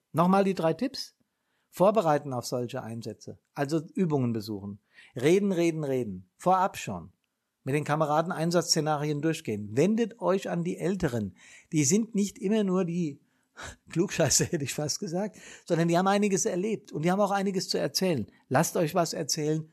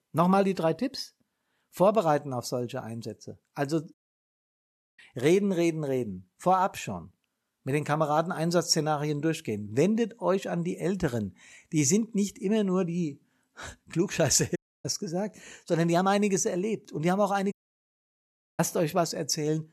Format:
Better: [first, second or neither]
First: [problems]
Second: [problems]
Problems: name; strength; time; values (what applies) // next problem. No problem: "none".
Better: first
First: none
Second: audio cutting out; at 4 s for 1 s, at 15 s and at 18 s for 1 s